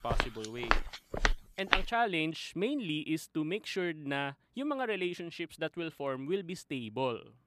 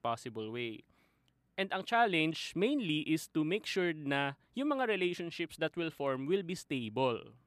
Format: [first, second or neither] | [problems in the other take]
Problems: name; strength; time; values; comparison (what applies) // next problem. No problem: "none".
second | footsteps; loud; until 2 s; peak 5 dB above the speech